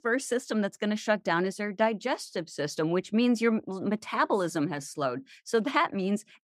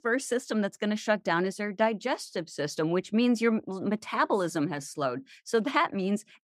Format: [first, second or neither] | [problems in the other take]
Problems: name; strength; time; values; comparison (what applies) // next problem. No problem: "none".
neither | none